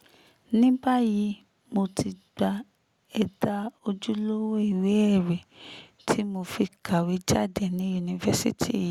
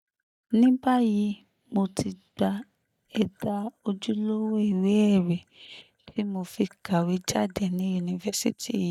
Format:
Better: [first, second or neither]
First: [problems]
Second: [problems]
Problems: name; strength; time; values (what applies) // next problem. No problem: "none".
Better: first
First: none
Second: noise reduction (neural mask model DeepFilterNet 3)